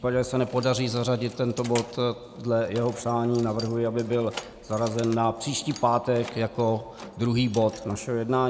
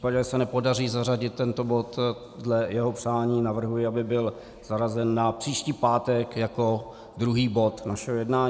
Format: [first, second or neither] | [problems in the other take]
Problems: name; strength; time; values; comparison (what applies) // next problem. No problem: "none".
second | background sound (Keys jangling); 19 dB below the speech